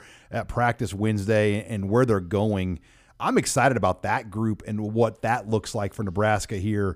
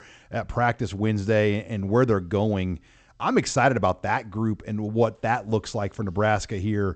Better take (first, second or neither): first